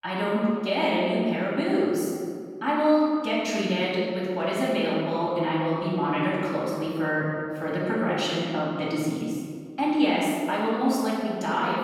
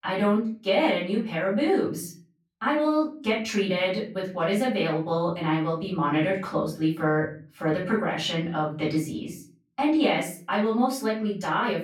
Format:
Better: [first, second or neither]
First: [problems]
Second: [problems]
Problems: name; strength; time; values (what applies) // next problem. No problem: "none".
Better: second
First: room echo; strong; dies away in 1.8 s // off-mic speech; far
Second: room echo; slight; dies away in 0.4 s // off-mic speech; far